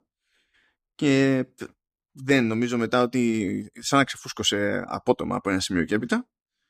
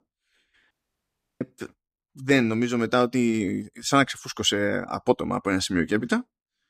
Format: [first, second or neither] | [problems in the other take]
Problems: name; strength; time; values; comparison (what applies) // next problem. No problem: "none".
first | audio cutting out; at 0.5 s for 0.5 s